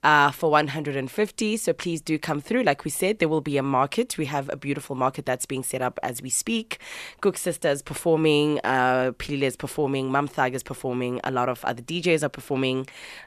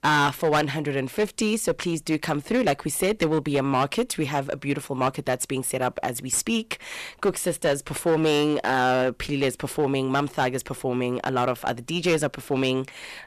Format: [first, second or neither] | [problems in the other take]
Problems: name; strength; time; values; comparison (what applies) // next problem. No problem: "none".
first | distortion; slight; 8% of the sound clipped